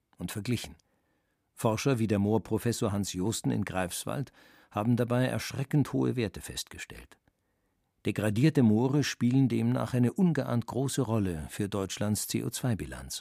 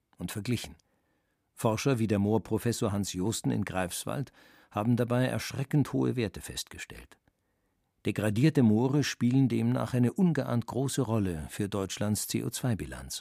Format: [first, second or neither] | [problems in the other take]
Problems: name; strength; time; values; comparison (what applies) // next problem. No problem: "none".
neither | none